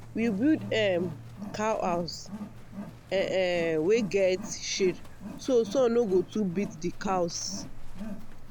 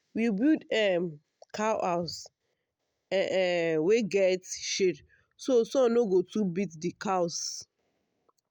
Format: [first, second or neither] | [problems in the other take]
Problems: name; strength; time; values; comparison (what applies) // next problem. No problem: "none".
second | background sound (Wild animals + Livestock, farm animals, working animals); 11 dB below the speech